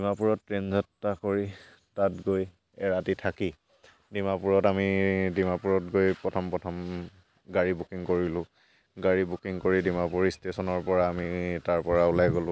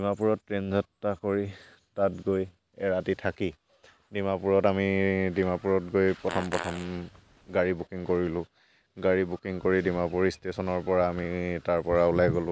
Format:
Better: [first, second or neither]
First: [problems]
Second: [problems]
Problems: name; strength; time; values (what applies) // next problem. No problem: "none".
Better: first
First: none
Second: background sound (Fart); 14 dB below the speech